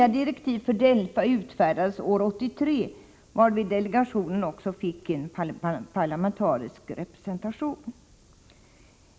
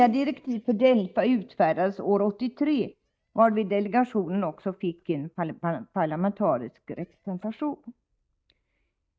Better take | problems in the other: first | noise reduction (neural mask model DeepFilterNet 3)

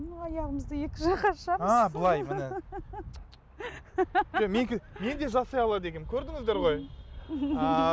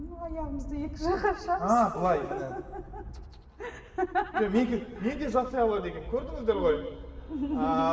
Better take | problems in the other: first | room echo; dies away in 2.2 s

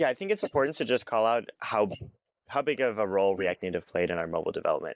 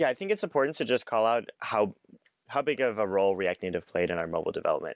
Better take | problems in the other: second | noise reduction (neural mask model Resemble Enhance denoiser)

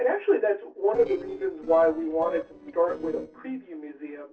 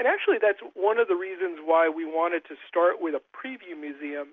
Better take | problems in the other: second | noise reduction (neural separator model SepFormer DNS4)

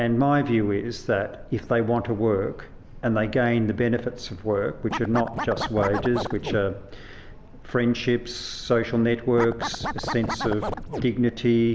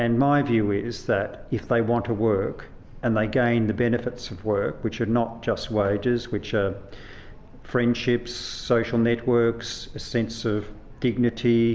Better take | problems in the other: second | background sound (Scratching (performance technique)); 6 dB below the speech

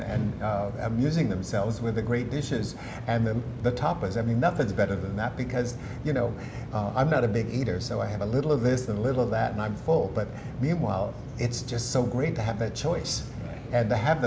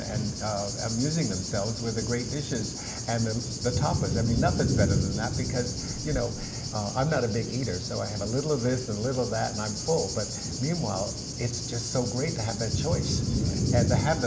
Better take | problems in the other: first | background sound (Thunder / Cricket); 2 dB below the speech

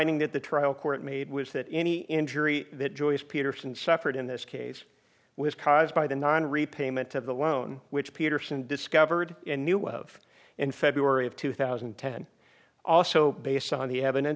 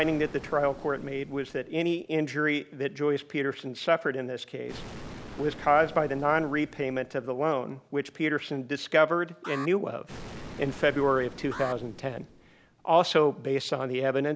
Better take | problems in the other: first | background sound (Explosion + Alarm); 17 dB below the speech

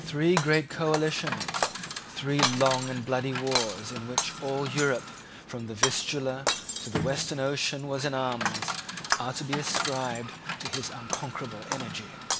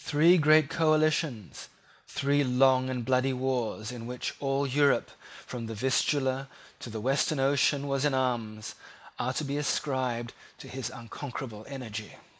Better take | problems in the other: second | background sound (Coin (dropping) / Chatter + Shatter); 3 dB below the speech

